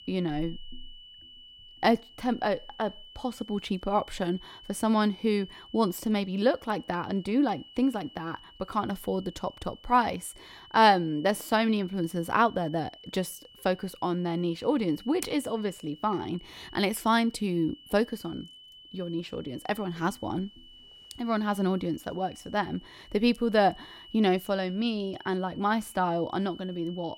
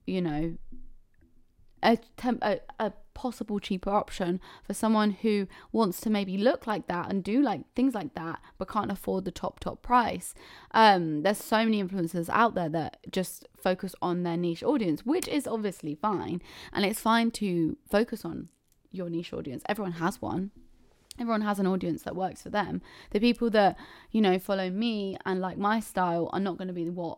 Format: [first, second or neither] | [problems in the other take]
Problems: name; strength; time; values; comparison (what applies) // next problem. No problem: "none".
second | high-pitched whine; faint; throughout; 3 kHz, 20 dB below the speech